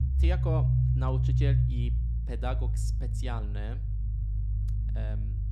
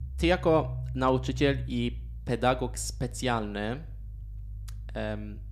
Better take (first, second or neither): second